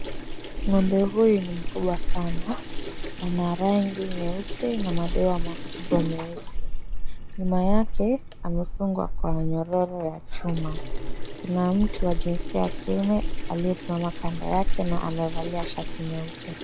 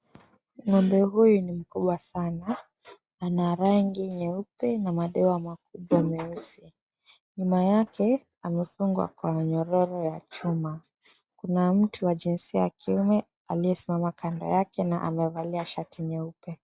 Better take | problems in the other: second | background sound (Sink (filling or washing) / Water tap, faucet); 1 dB above the speech

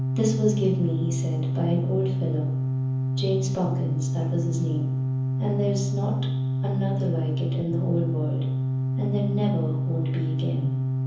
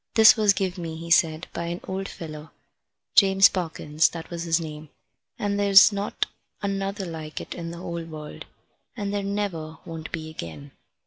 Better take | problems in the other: second | background sound (Organ); 4 dB above the speech // room echo; dies away in 0.7 s

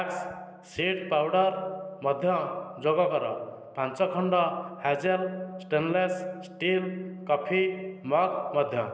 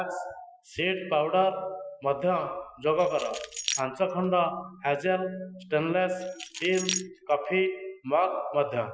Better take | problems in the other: first | noise reduction (classical method Wiener filter)

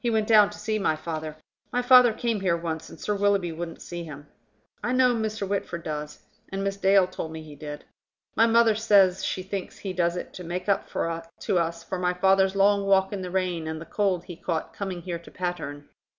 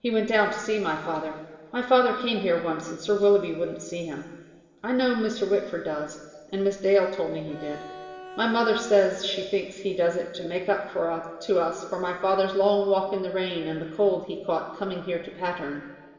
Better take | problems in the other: first | background sound (Bowed string instrument); 16 dB below the speech // room echo; dies away in 2.1 s

